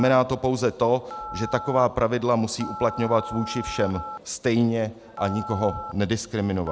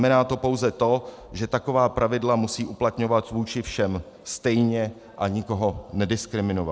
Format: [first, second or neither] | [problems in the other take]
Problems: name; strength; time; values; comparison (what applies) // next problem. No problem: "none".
second | background sound (Telephone); 13 dB below the speech